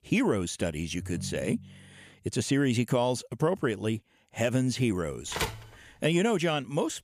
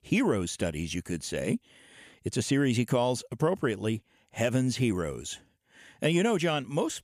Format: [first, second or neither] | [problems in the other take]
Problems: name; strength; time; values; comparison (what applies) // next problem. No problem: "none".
second | phone ringing; faint; at 1 s; peak 10 dB below the speech // phone ringing; noticeable; at 5.5 s; peak 4 dB below the speech